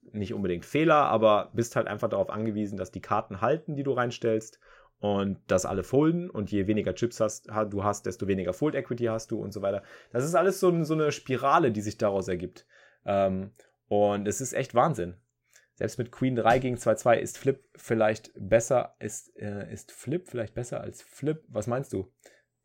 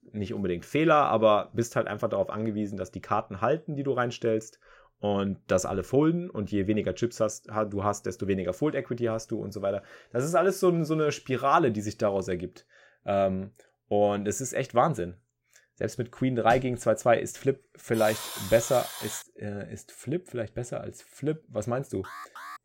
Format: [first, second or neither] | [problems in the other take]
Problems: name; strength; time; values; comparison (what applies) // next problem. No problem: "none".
first | alarm; noticeable; from 18 to 19 s; peak 7 dB below the speech // alarm; faint; at 22 s; peak 15 dB below the speech